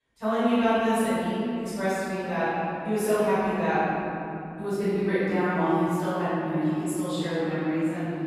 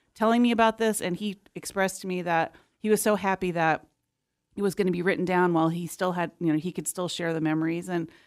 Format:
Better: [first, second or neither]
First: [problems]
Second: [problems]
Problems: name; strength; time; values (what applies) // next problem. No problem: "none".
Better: second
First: room echo; strong; dies away in 3 s // off-mic speech; far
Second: none